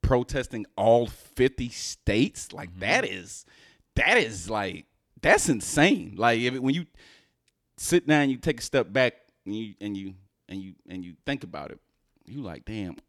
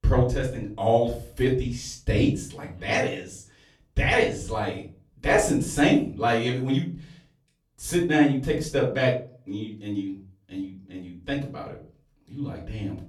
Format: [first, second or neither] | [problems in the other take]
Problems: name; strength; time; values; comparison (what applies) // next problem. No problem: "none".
first | off-mic speech; far // room echo; slight; dies away in 0.4 s